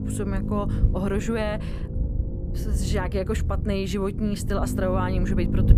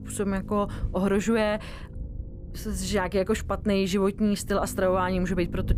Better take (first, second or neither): second